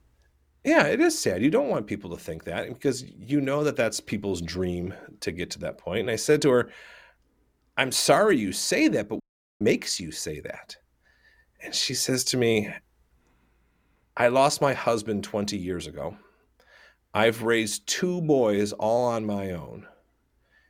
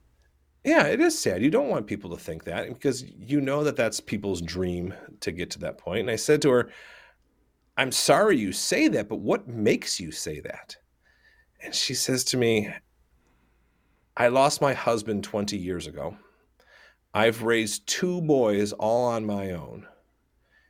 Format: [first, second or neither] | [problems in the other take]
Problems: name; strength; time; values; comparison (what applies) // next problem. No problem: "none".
second | audio cutting out; at 9 s